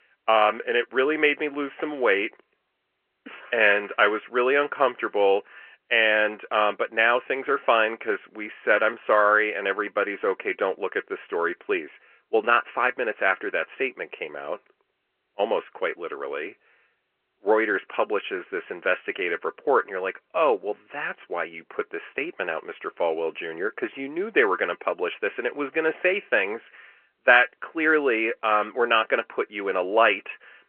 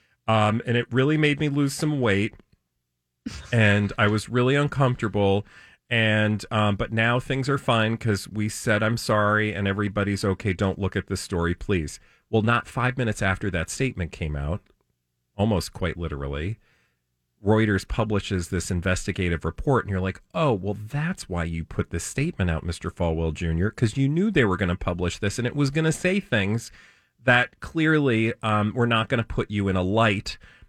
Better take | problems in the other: second | phone-call audio

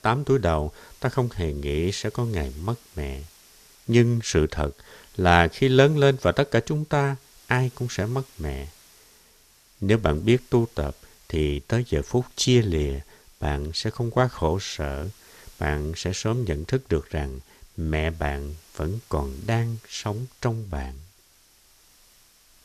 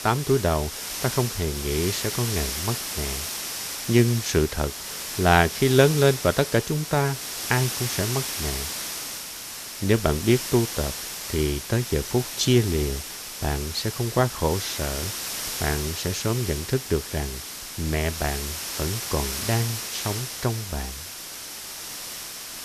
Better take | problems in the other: first | hiss; loud; throughout; 5 dB below the speech; faint in the first

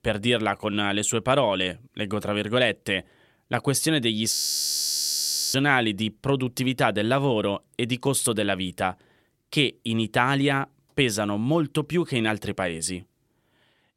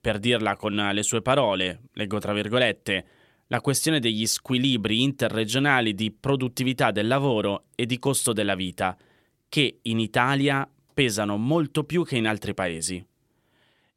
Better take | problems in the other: second | audio freezing; at 4.5 s for 1 s

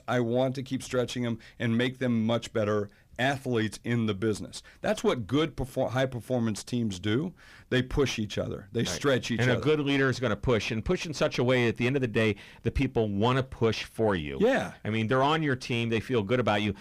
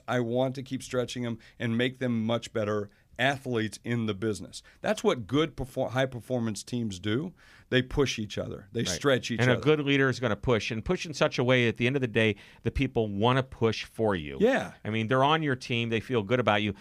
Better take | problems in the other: second | distortion; slight; 10 dB below the speech

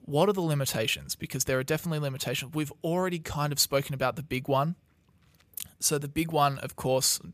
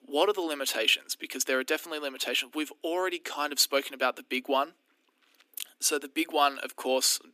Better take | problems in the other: first | thin; somewhat; fading below 250 Hz

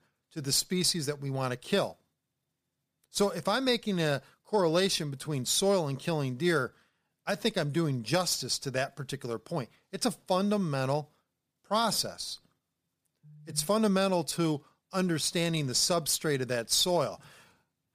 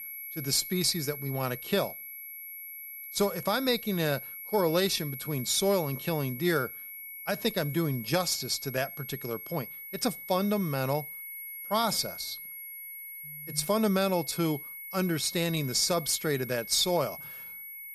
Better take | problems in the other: first | high-pitched whine; loud; throughout; 11.5 kHz, 10 dB below the speech

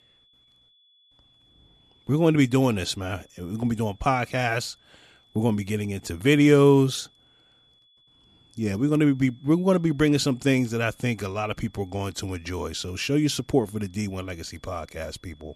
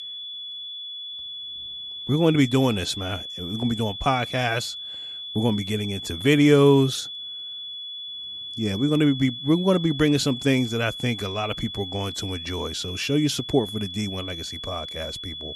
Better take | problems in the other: first | high-pitched whine; loud; throughout; 3.5 kHz, 9 dB below the speech; faint in the first

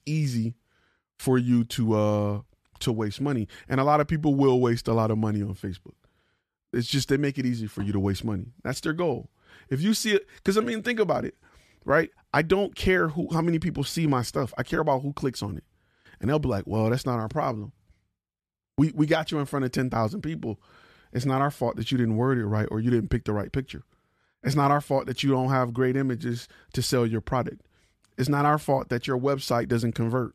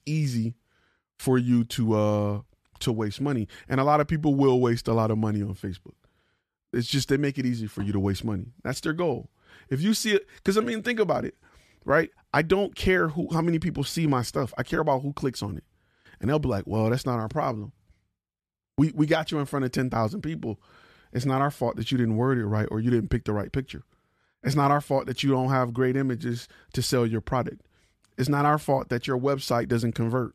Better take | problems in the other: neither | none

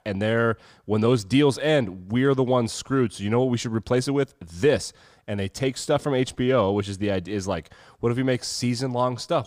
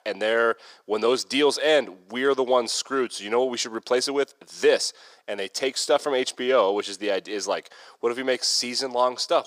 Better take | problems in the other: first | thin; somewhat; fading below 400 Hz

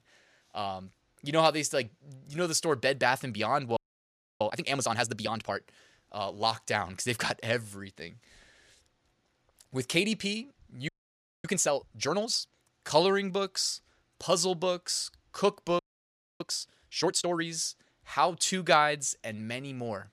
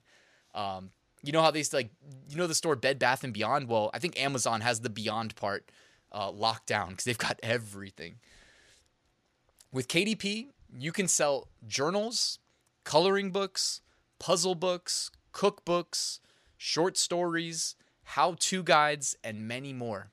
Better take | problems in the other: second | audio freezing; at 4 s for 0.5 s, at 11 s for 0.5 s and at 16 s for 0.5 s

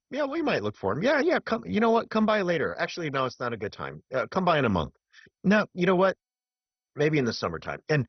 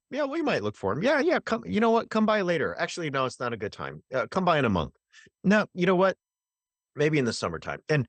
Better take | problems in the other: second | garbled, watery; badly; nothing above 6 kHz; slightly in the second

